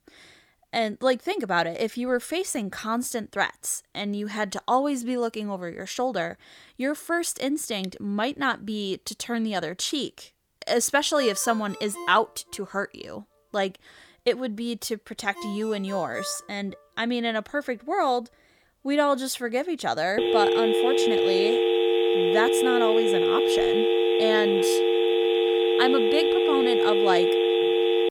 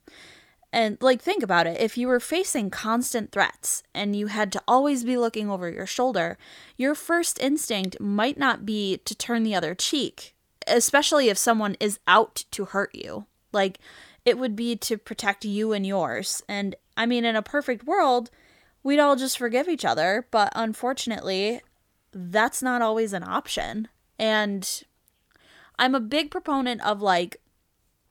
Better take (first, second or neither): second